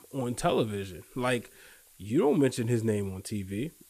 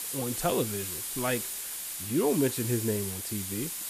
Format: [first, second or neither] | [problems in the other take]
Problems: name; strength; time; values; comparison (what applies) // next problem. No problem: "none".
first | hiss; loud; throughout; 2 dB below the speech; faint in the first